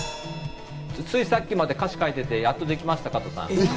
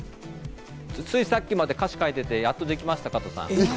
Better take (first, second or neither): second